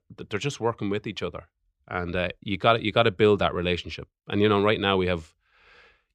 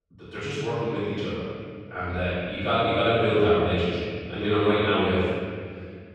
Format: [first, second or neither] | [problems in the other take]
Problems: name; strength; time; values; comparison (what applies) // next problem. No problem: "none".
first | off-mic speech; far // room echo; strong; dies away in 2.1 s